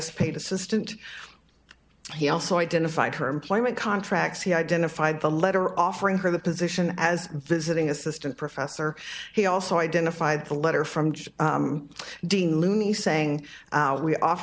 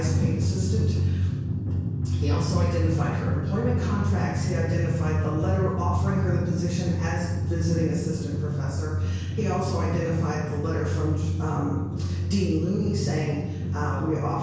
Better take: first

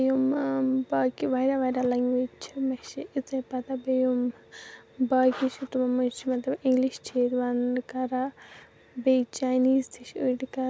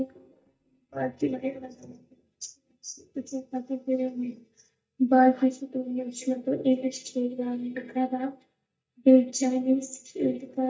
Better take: first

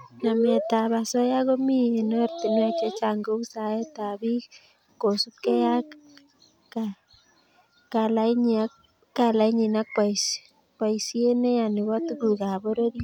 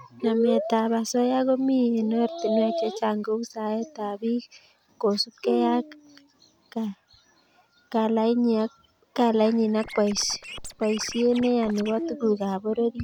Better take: first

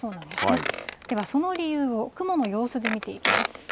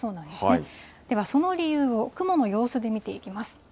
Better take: second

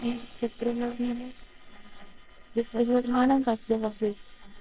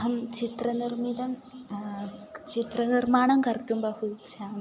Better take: second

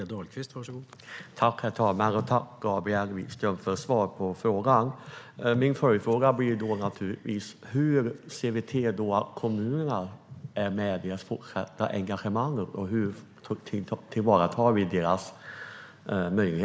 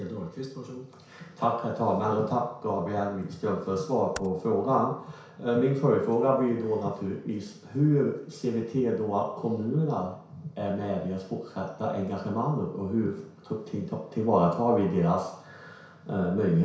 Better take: first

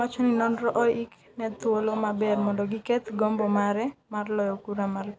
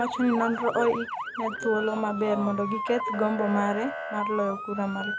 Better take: first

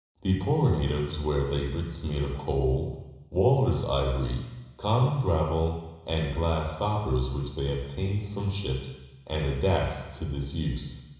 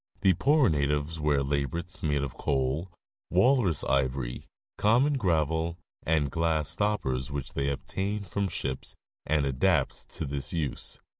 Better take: second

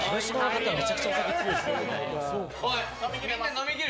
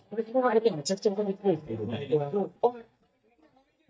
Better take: first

